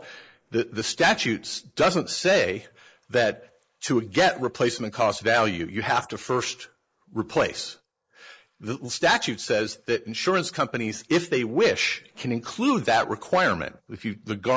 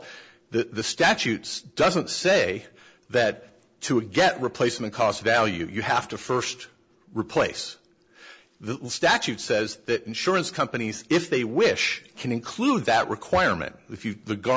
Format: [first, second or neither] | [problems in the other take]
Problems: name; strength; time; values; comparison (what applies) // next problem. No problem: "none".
second | noise reduction (neural mask model Resemble Enhance denoiser)